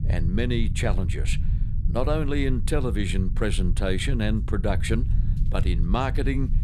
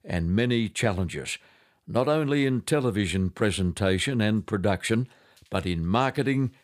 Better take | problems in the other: second | low rumble; noticeable; throughout; 15 dB below the speech

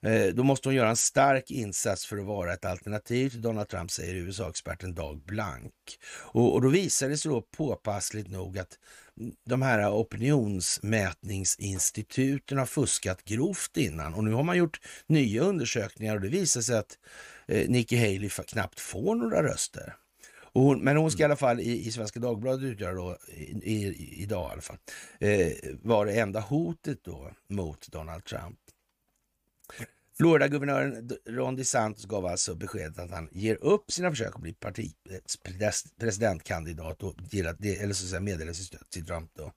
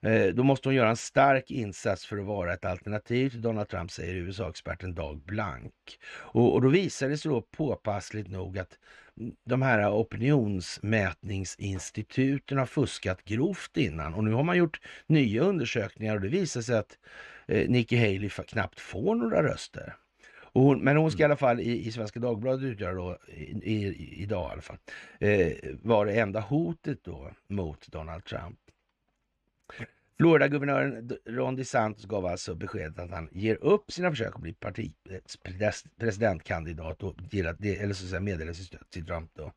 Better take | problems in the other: first | muffled; slightly; fading above 3 kHz

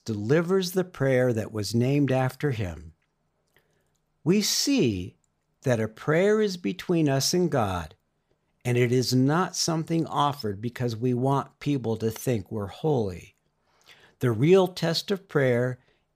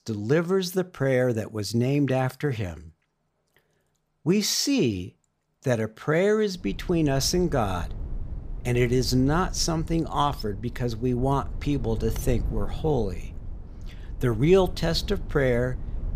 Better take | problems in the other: first | low rumble; faint; from 6.5 s on; 25 dB below the speech

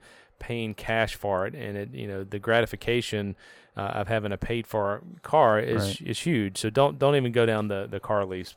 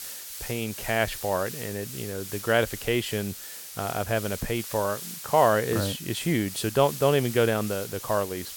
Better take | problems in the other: first | hiss; loud; throughout; 10 dB below the speech

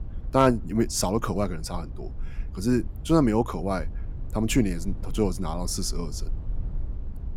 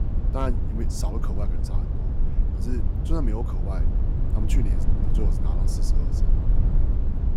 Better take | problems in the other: first | low rumble; loud; throughout; 3 dB below the speech; faint in the first

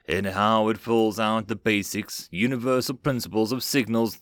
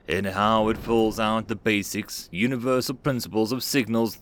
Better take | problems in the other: first | wind noise on the microphone; occasional gusts; 25 dB below the speech

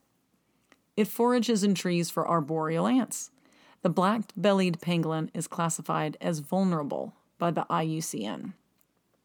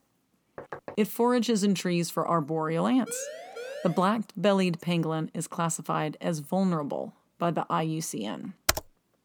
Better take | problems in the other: first | door banging; faint; at 0.5 s; peak 15 dB below the speech // siren; faint; at 3 s; peak 10 dB below the speech // keyboard typing; loud; at 8.5 s; peak level with the speech

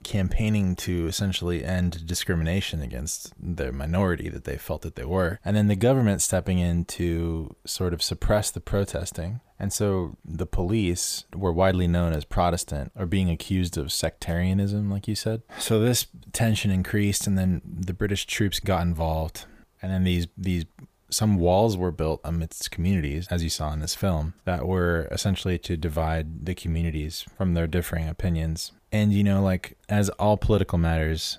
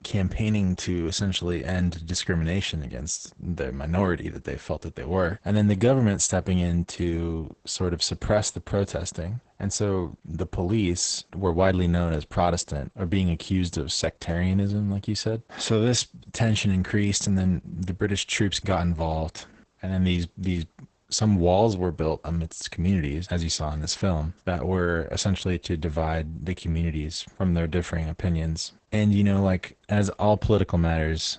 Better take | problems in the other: first | garbled, watery; badly; nothing above 8 kHz

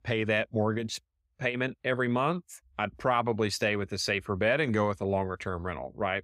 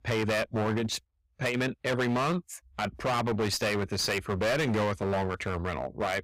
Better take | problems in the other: first | distortion; heavy; 22% of the sound clipped

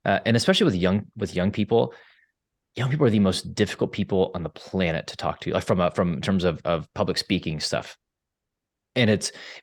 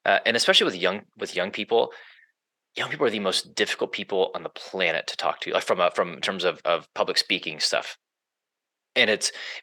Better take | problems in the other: first | thin; very; fading below 450 Hz

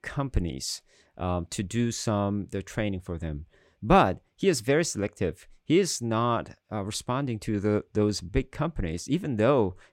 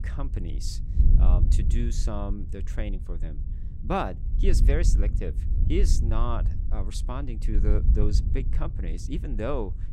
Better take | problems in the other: first | wind noise on the microphone; occasional gusts; 10 dB below the speech

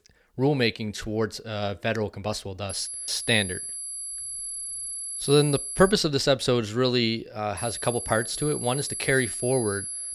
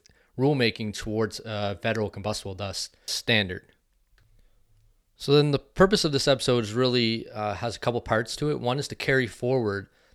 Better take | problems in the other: second | high-pitched whine; loud; from 2.5 to 6 s and from 7.5 s on; 11 kHz, 6 dB below the speech

